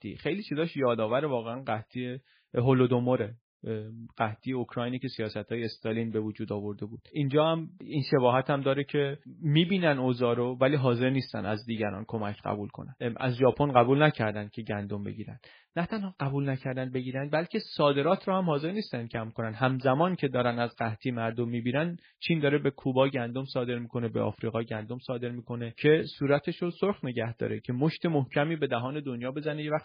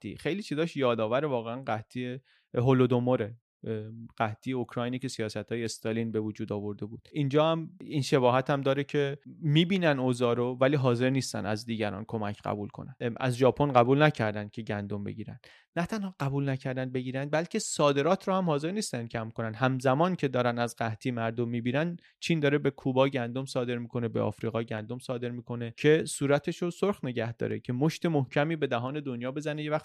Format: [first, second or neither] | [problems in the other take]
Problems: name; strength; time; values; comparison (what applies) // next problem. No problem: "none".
second | garbled, watery; badly; nothing above 5 kHz